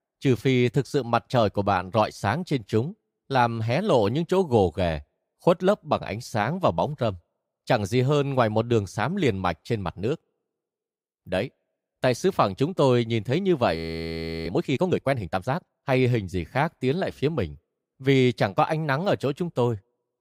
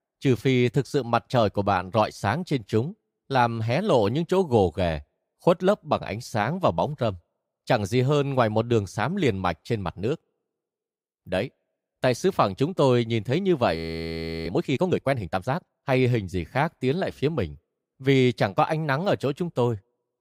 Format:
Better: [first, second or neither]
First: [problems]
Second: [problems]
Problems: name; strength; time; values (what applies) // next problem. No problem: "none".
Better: neither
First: audio freezing; at 14 s for 0.5 s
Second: audio freezing; at 14 s for 0.5 s